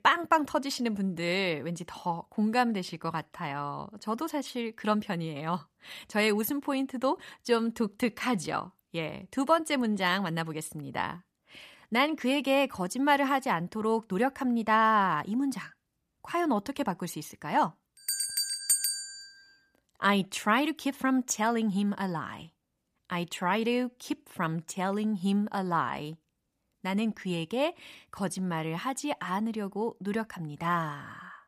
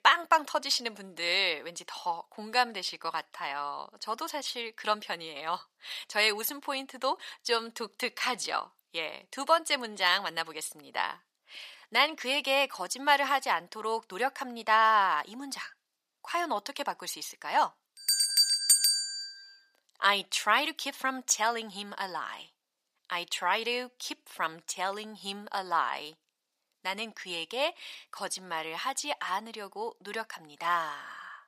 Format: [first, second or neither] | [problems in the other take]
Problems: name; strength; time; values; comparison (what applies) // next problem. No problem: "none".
first | thin; very; fading below 600 Hz